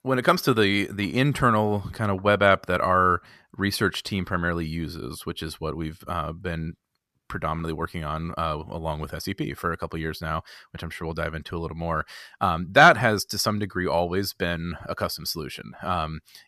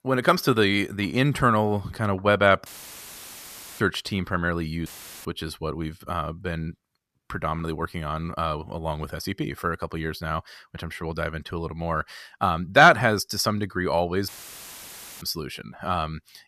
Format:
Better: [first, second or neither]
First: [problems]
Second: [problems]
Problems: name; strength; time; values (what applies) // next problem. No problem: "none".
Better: first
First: none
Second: audio cutting out; filled with static; at 2.5 s for 1 s, at 5 s and at 14 s for 1 s